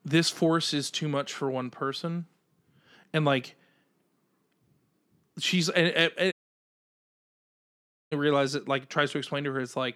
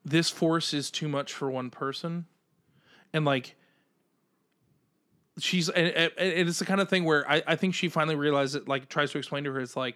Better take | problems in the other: second | audio cutting out; at 6.5 s for 2 s

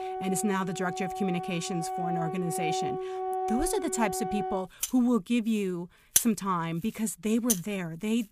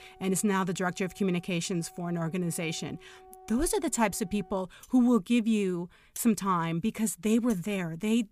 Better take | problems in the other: second | background music; loud; throughout; 2 dB below the speech; faint in the second

